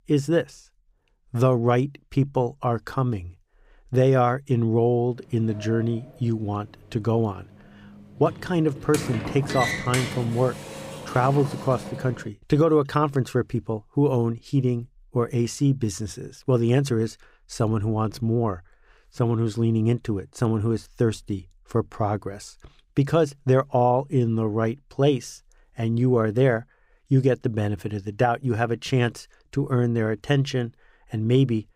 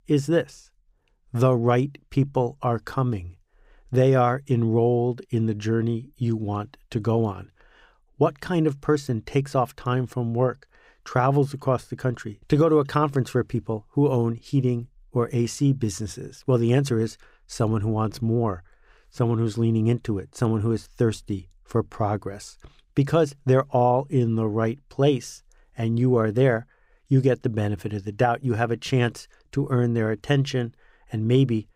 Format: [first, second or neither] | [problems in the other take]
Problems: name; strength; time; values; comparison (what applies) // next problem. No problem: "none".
second | door banging; noticeable; from 5.5 to 12 s; peak 2 dB below the speech